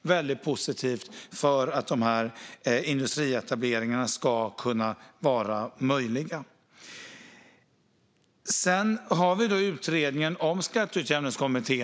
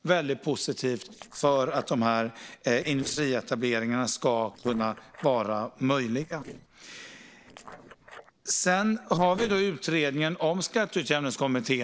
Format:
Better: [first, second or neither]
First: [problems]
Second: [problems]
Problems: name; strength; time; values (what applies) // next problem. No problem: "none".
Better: first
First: none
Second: noise reduction (neural separator model SepFormer DNS4)